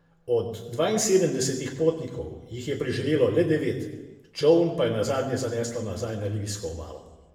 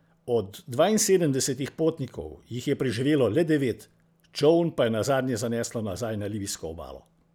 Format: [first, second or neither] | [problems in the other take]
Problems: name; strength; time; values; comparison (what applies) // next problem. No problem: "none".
second | room echo; dies away in 1 s